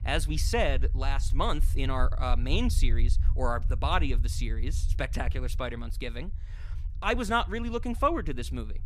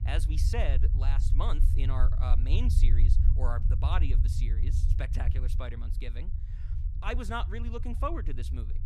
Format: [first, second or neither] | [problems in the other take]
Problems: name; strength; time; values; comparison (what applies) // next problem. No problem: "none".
first | low rumble; loud; throughout; 9 dB below the speech; faint in the first